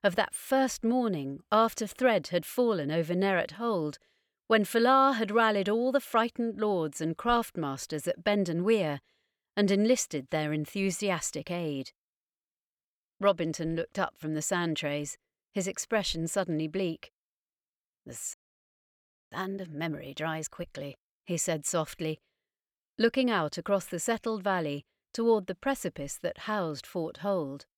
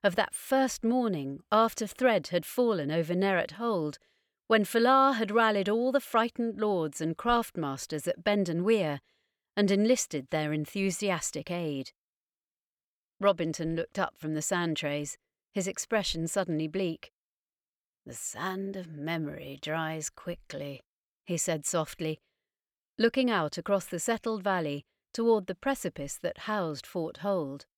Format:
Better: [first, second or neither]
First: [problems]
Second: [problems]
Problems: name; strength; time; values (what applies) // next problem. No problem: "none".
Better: second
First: audio freezing; at 18 s for 1 s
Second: none